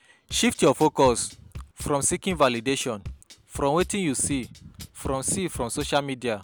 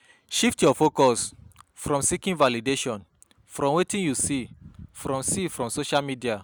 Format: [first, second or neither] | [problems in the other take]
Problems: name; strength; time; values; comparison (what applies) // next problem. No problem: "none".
second | background sound (Bass drum / Drum kit); 17 dB below the speech